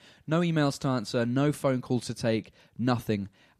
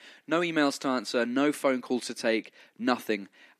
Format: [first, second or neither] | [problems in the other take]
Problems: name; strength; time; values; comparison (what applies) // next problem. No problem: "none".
first | thin; very slightly; fading below 250 Hz